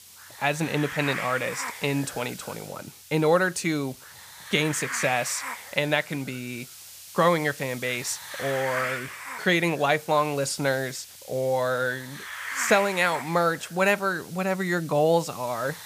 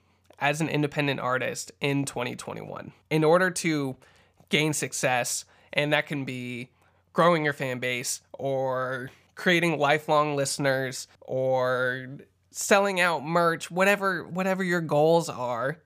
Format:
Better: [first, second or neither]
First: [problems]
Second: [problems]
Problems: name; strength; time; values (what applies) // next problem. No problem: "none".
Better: second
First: hiss; noticeable; throughout; 10 dB below the speech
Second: none